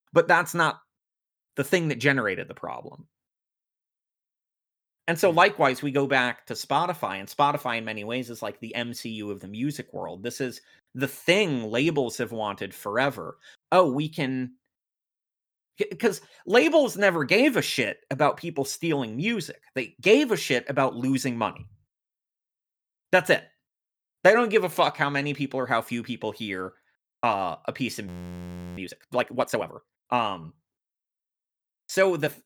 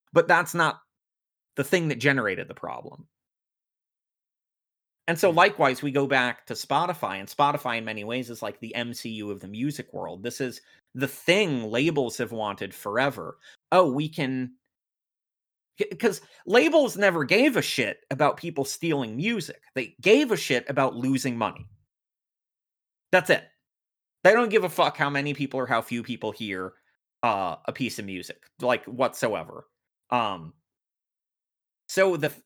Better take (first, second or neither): second